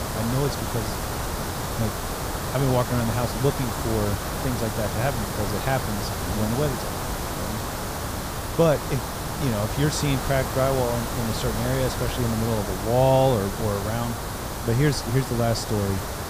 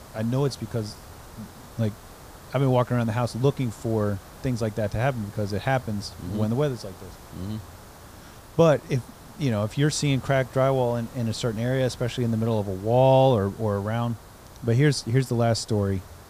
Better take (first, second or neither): second